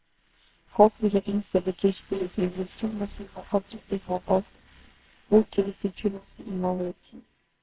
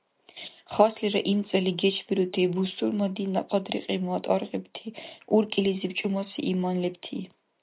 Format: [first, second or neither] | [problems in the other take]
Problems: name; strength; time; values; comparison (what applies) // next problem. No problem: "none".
second | noise reduction (neural separator model SepFormer WHAMR!)